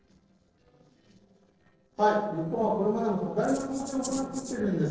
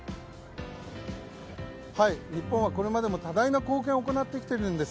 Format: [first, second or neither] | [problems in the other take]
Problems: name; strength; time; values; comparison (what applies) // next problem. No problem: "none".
second | noise reduction (neural separator model SepFormer DNS4)